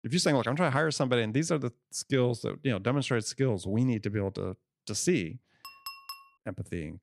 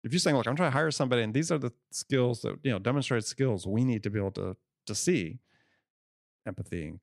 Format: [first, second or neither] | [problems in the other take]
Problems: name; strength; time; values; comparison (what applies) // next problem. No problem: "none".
second | clattering dishes; faint; at 5.5 s; peak 10 dB below the speech